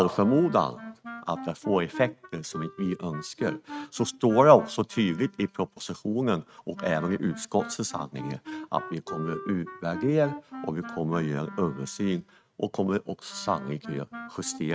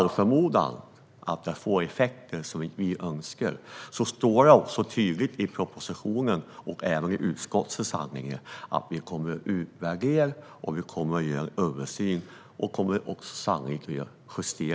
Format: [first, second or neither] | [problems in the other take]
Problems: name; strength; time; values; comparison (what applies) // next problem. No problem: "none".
second | noise reduction (neural mask model RNNoise)